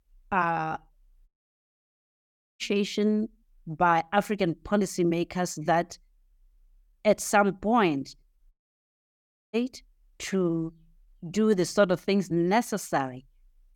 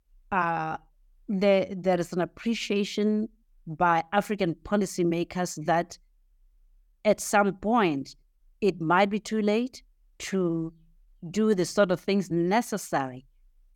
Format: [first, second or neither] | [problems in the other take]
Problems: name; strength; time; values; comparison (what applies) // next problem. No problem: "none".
second | audio cutting out; at 1.5 s for 1.5 s and at 8.5 s for 1 s